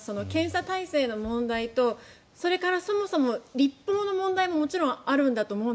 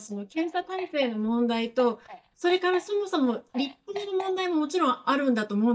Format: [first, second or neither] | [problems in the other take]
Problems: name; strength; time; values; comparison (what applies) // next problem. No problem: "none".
first | noise reduction (neural mask model DeepFilterNet 3)